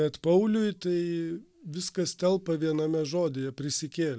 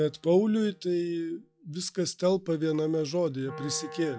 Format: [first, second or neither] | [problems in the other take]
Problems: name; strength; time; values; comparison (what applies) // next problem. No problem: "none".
first | noise reduction (classical method log-MMSE)